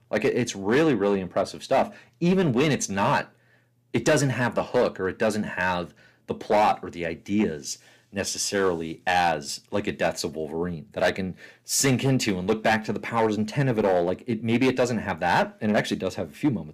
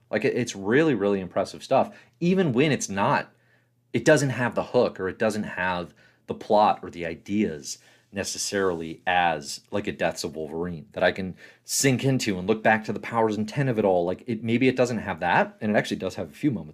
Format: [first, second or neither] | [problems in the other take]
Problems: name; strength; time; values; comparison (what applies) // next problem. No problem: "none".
second | distortion; slight; 4% of the sound clipped